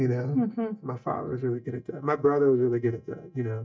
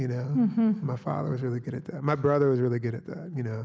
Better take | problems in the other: second | noise reduction (neural mask model DeepFilterNet 3)

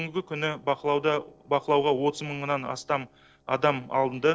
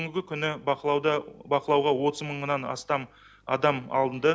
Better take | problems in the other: second | noise reduction (neural separator model SepFormer DNS4)

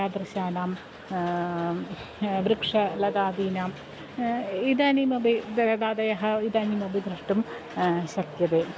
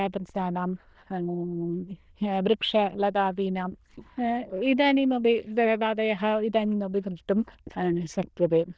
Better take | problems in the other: first | noise reduction (neural diffusion model UNIVERSE++)

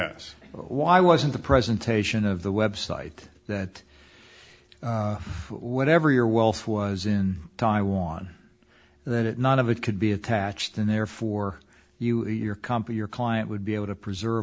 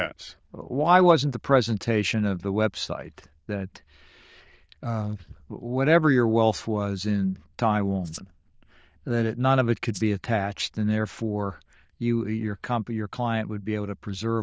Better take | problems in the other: first | noise reduction (neural diffusion model UNIVERSE++)

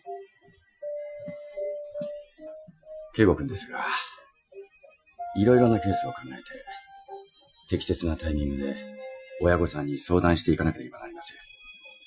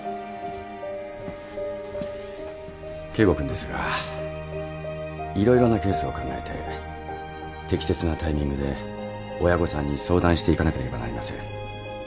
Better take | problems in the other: second | noise reduction (classical method Wiener filter)

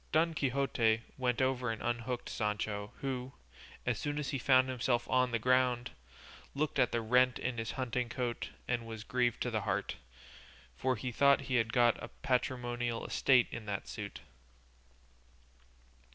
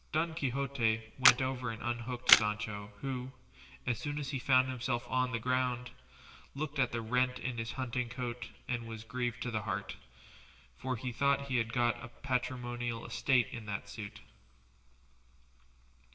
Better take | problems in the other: first | background sound (Camera); 4 dB above the speech // room echo; dies away in 1.4 s

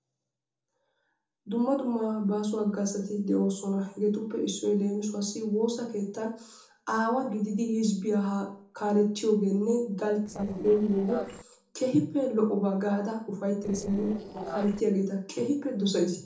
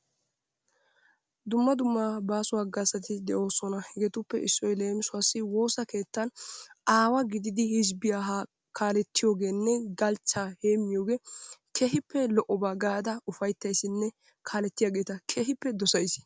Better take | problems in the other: second | noise reduction (neural separator model SepFormer DNS4)

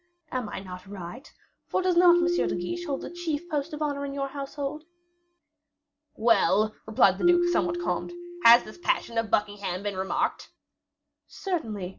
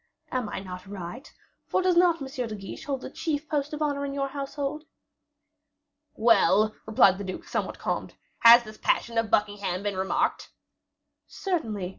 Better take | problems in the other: second | background sound (Marimba, xylophone); 5 dB below the speech

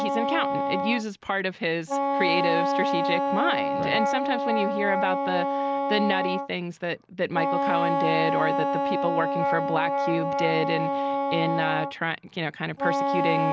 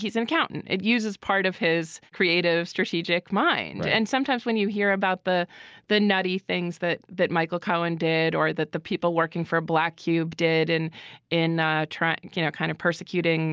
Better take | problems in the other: second | background sound (Wind instrument, woodwind instrument); 2 dB above the speech

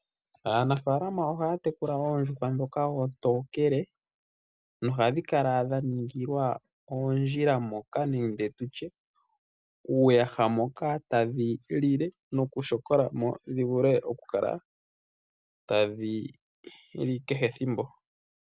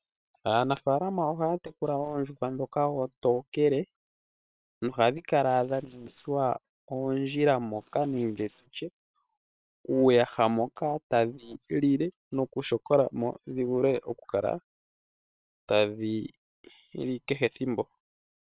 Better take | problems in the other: first | noise reduction (neural separator model SepFormer WHAM!)

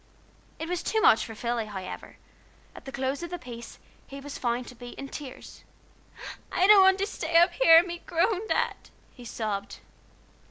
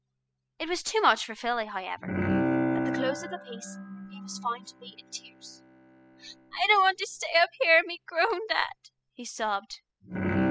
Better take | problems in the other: first | noise reduction (classical method spectral subtraction)

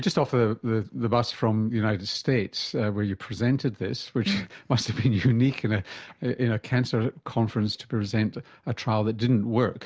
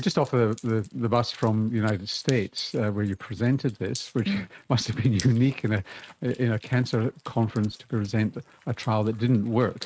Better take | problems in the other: first | noise reduction (neural mask model RNNoise)

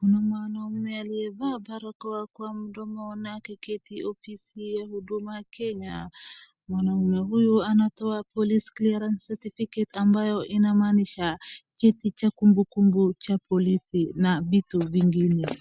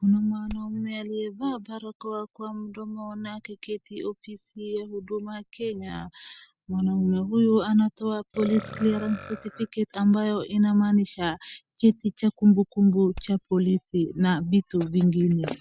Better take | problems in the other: first | background sound (Hammer + Burping, eructation); 16 dB below the speech

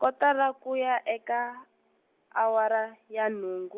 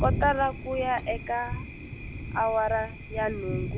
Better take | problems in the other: first | background sound (Thunder); 4 dB below the speech

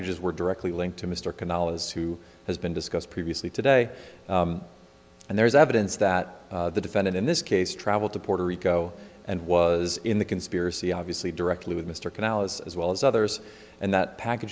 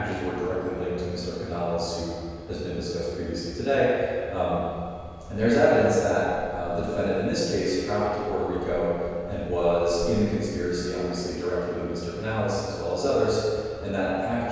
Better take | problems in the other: first | background sound (Truck); 16 dB below the speech // room echo; dies away in 1.9 s

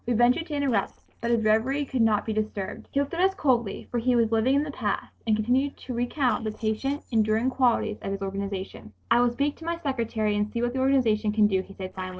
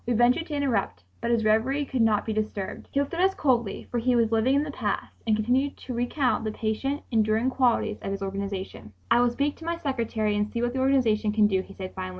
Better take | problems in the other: second | noise reduction (neural separator model SepFormer DNS4)

